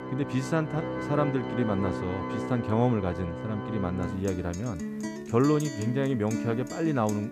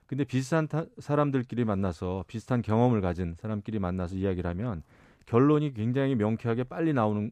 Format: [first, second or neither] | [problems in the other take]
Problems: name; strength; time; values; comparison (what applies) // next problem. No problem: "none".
second | background music; loud; throughout; 6 dB below the speech